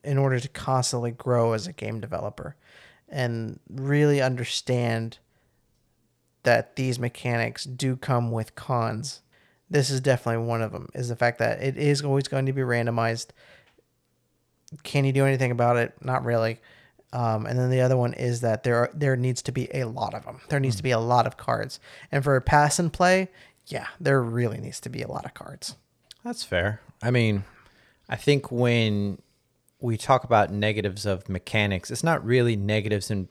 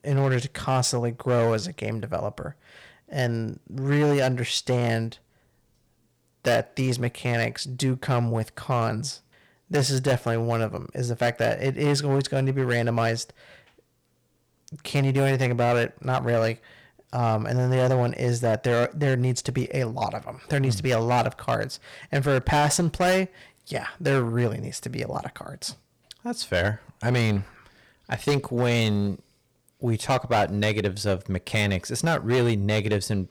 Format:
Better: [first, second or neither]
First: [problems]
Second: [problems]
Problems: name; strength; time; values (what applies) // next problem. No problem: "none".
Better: first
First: none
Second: distortion; slight; 7% of the sound clipped